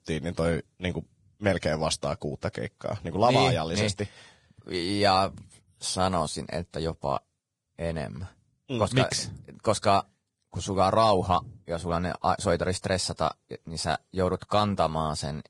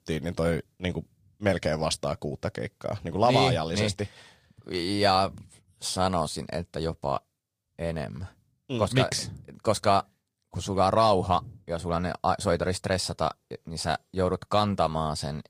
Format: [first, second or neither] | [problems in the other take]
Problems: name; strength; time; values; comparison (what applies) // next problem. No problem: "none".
second | garbled, watery; badly; nothing above 10 kHz; slightly in the second